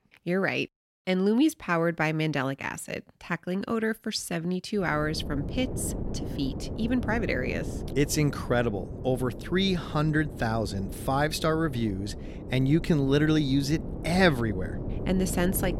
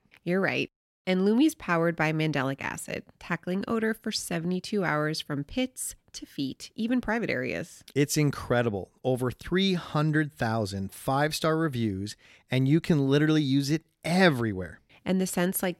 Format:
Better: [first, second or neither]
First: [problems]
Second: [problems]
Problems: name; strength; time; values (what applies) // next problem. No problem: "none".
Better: second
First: wind noise on the microphone; occasional gusts; from 5 s on; 15 dB below the speech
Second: none